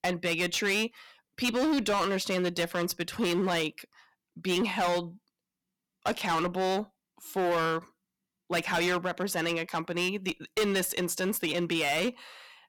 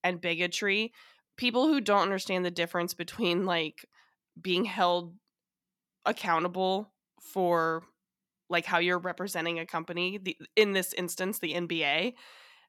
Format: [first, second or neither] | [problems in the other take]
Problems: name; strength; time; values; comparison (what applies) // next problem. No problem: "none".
second | distortion; heavy; 13% of the sound clipped